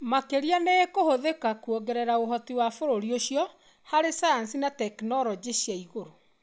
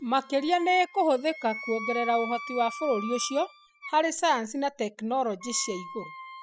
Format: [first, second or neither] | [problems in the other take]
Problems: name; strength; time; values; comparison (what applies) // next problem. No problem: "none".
first | noise reduction (classical method spectral subtraction)